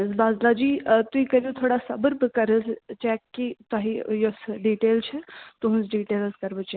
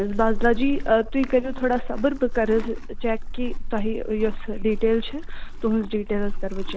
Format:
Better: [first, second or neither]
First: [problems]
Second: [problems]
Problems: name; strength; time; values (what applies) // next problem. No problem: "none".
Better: first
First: none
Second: background sound (Livestock, farm animals, working animals); 2 dB below the speech